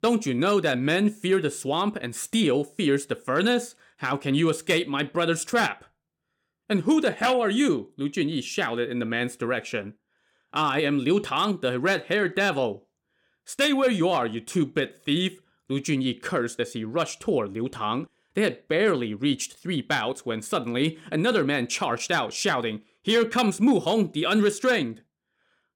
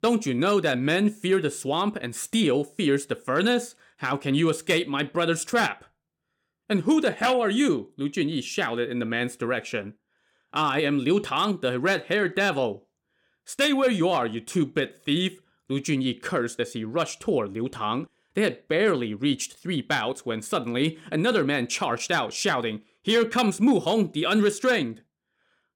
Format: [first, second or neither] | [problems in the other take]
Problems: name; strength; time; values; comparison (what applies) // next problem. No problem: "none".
neither | none